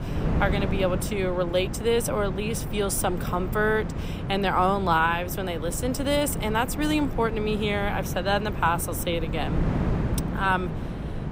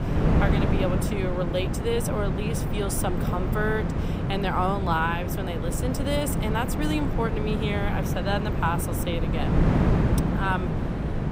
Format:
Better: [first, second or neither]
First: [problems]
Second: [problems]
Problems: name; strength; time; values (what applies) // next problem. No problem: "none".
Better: first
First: wind noise on the microphone; occasional gusts; 10 dB below the speech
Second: wind noise on the microphone; heavy; 4 dB below the speech